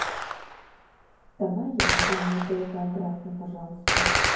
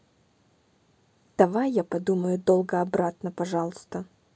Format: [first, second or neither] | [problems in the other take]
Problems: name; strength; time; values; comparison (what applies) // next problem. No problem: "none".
second | background sound (Gunshot, gunfire); 3 dB above the speech // room echo; dies away in 0.9 s